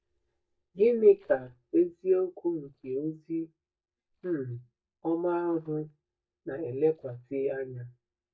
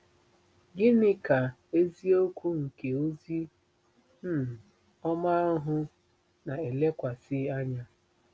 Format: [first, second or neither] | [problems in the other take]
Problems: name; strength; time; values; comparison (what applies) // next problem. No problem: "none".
second | noise reduction (neural mask model DeepFilterNet 3)